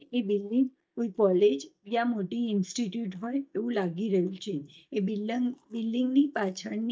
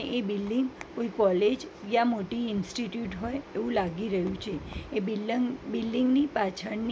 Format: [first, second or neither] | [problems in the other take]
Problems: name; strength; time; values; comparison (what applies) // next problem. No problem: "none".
second | noise reduction (neural mask model DeepFilterNet 3)